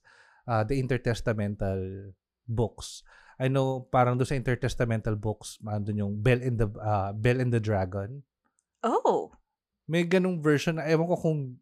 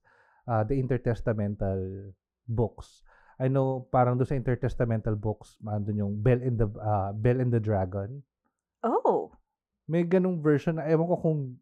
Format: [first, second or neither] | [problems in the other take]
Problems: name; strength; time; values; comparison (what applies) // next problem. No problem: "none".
first | muffled; very; fading above 2 kHz